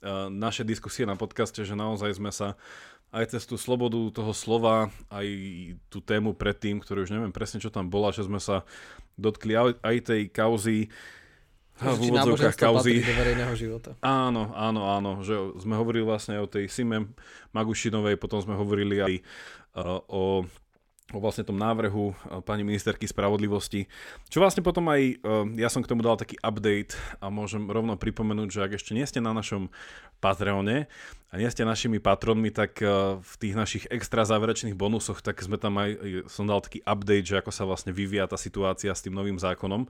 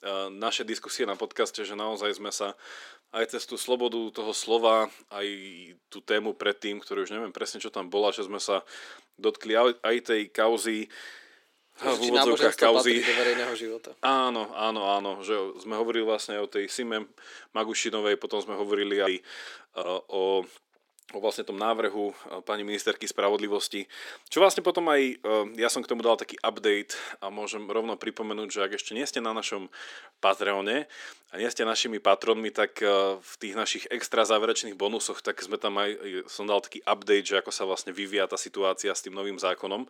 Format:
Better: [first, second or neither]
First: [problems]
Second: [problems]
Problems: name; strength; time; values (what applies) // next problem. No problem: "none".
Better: first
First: none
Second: thin; somewhat; fading below 300 Hz